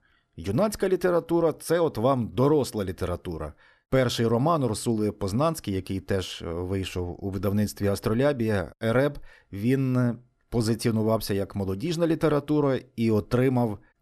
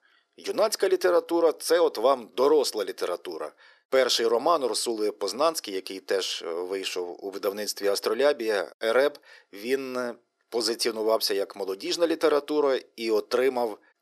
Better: first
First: none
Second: thin; very; fading below 400 Hz

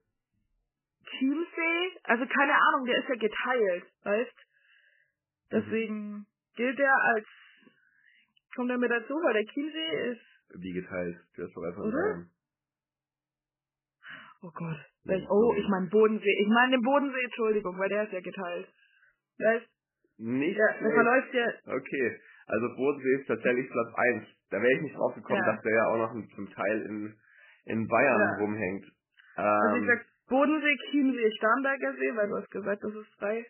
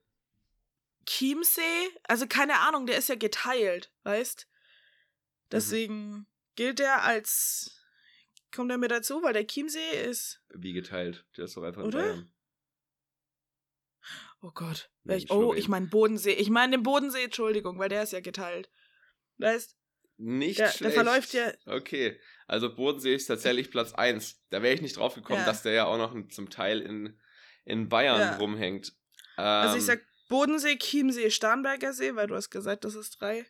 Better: second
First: garbled, watery; badly; nothing above 3 kHz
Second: none

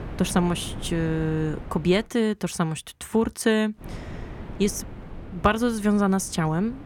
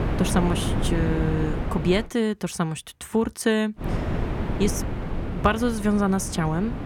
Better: first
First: wind noise on the microphone; occasional gusts; until 2 s and from 4 s on; 15 dB below the speech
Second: wind noise on the microphone; heavy; until 2 s and from 4 s on; 7 dB below the speech

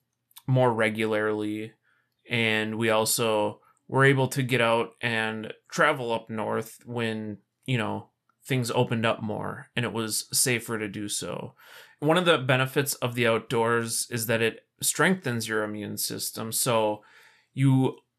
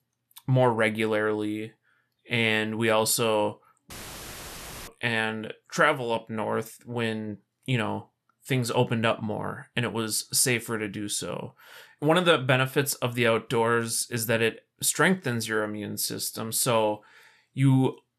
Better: first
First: none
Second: audio cutting out; filled with static; at 4 s for 1 s

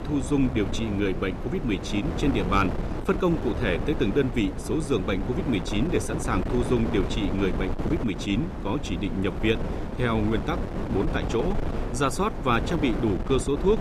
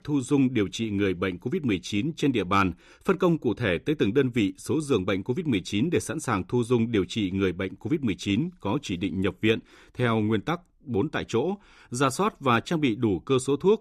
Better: second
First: wind noise on the microphone; heavy; 7 dB below the speech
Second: none

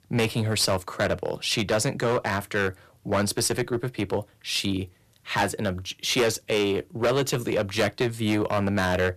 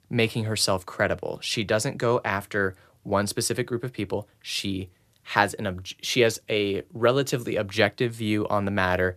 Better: second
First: distortion; heavy; 8% of the sound clipped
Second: none

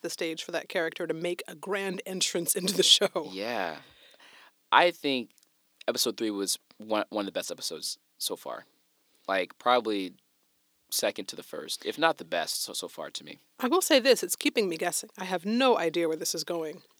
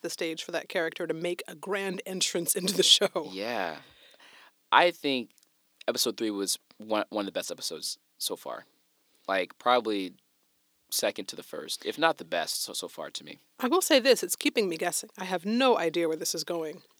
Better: neither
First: thin; somewhat; fading below 400 Hz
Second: thin; somewhat; fading below 400 Hz

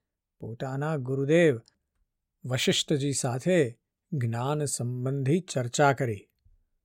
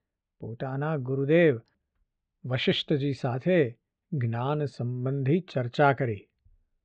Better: first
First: none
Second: muffled; very; fading above 3.5 kHz

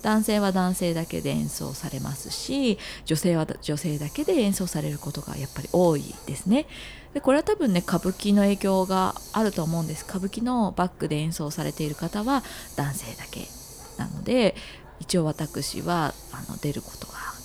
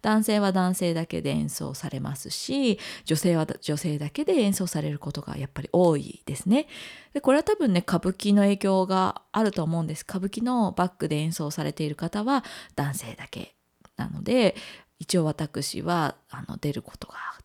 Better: second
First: hiss; noticeable; throughout; 15 dB below the speech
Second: none

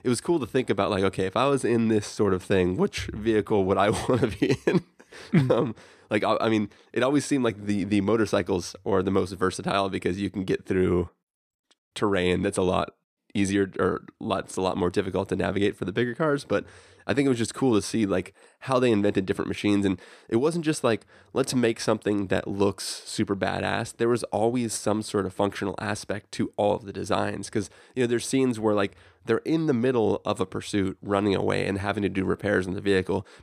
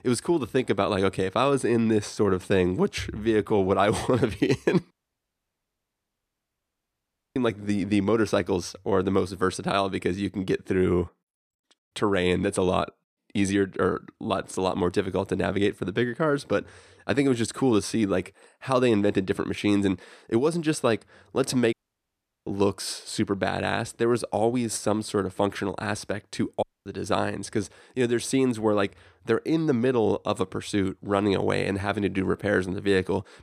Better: first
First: none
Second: audio cutting out; at 5 s for 2.5 s, at 22 s for 0.5 s and at 27 s

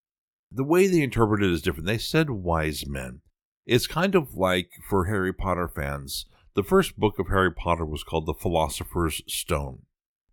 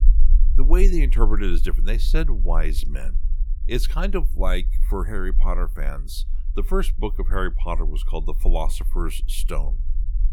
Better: first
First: none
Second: low rumble; faint; throughout; 20 dB below the speech

